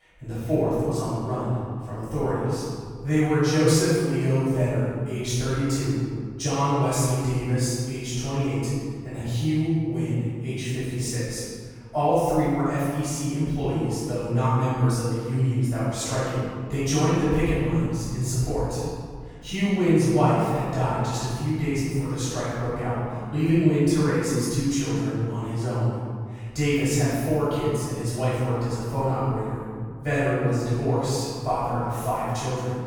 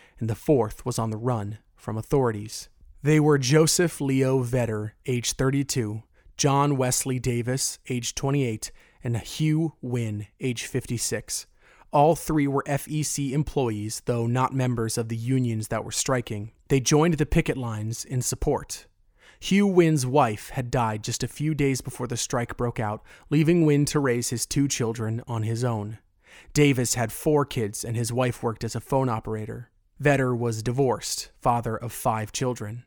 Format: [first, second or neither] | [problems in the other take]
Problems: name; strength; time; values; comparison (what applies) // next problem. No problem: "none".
second | off-mic speech; far // room echo; strong; dies away in 1.9 s